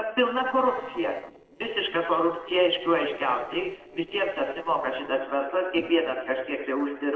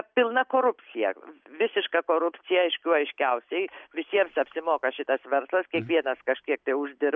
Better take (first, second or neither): second